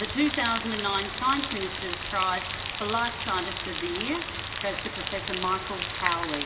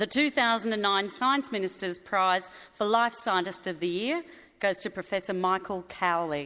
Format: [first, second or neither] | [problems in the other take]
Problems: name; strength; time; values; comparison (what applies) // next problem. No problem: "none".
second | background sound (Rain); 3 dB below the speech // room echo; dies away in 1.9 s